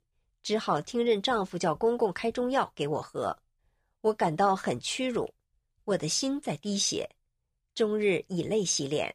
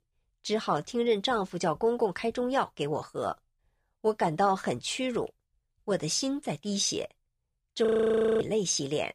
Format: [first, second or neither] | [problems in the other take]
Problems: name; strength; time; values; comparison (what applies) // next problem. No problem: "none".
first | audio freezing; at 8 s for 0.5 s